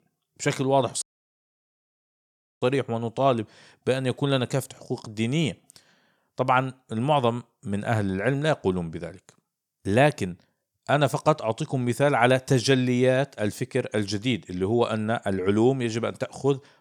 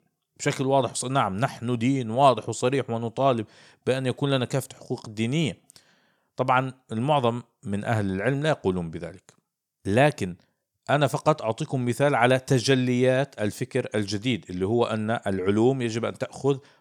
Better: second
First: audio cutting out; at 1 s for 1.5 s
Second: none

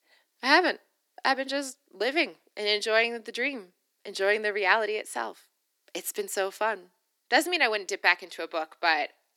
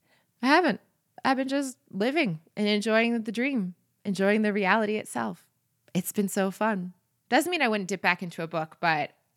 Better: second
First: thin; somewhat; fading below 300 Hz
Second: none

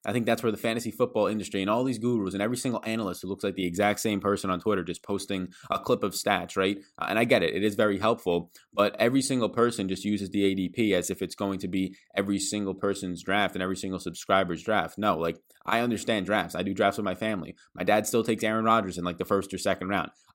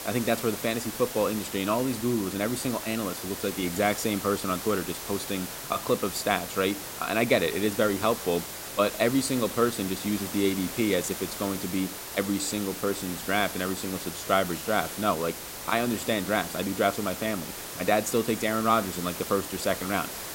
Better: first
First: none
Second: hiss; loud; throughout; 7 dB below the speech

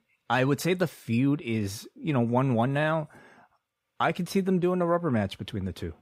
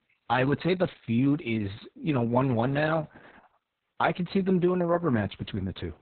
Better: first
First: none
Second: garbled, watery; badly; nothing above 4 kHz

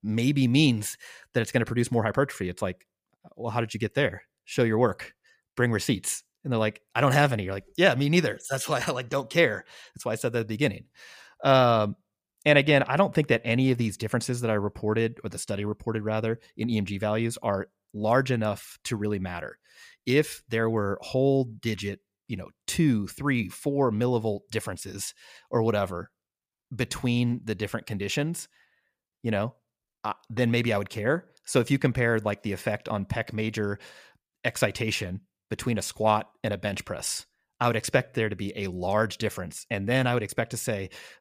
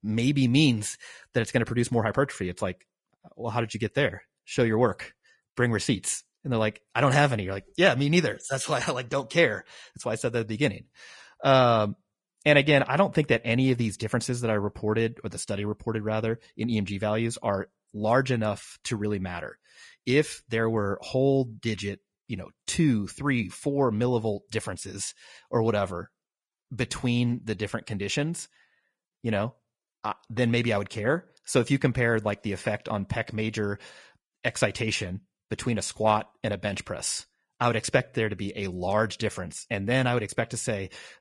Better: first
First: none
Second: garbled, watery; slightly; nothing above 10.5 kHz

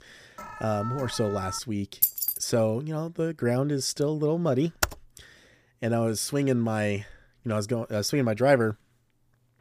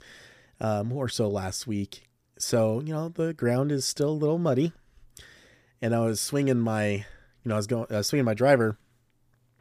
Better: second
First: alarm; noticeable; until 1.5 s; peak 10 dB below the speech // jangling keys; loud; at 2 s; peak 4 dB above the speech // keyboard typing; very faint; at 5 s; peak 2 dB below the speech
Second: none

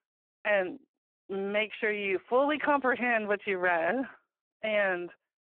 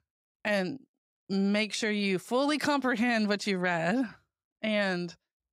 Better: second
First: phone-call audio; poor line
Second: none

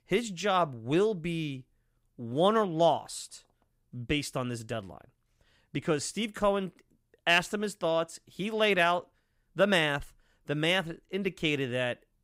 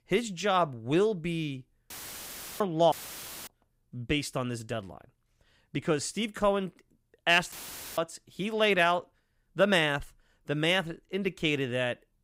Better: first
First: none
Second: audio cutting out; filled with static; at 2 s for 0.5 s, at 3 s for 0.5 s and at 7.5 s

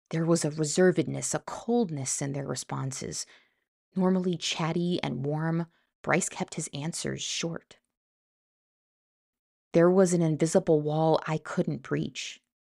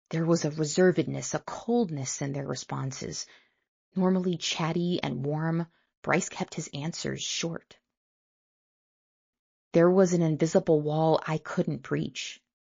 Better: first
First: none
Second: garbled, watery; slightly

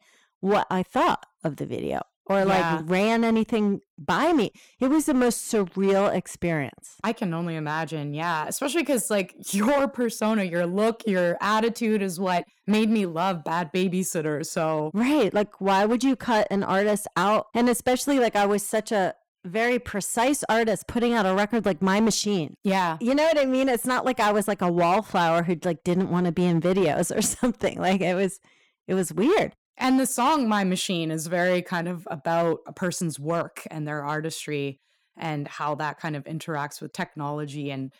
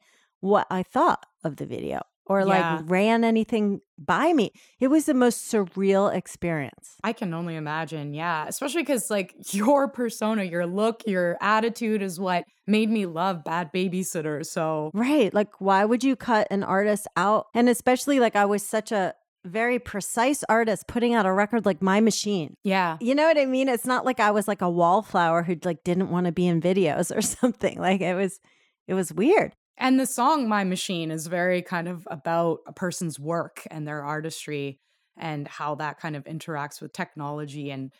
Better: second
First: distortion; slight; 8% of the sound clipped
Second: none

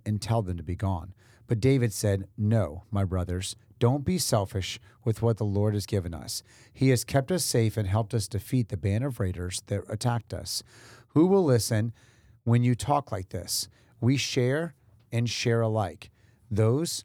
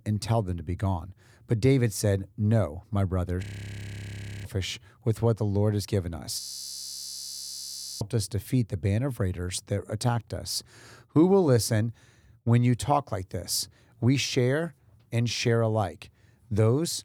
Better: first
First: none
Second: audio freezing; at 3.5 s for 1 s and at 6.5 s for 1.5 s

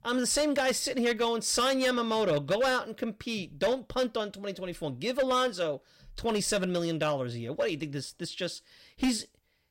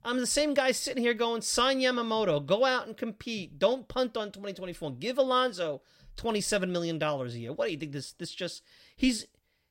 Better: second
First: distortion; slight; 6% of the sound clipped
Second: none

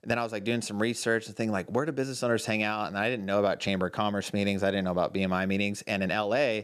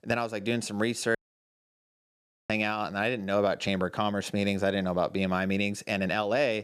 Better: first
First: none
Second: audio cutting out; at 1 s for 1.5 s

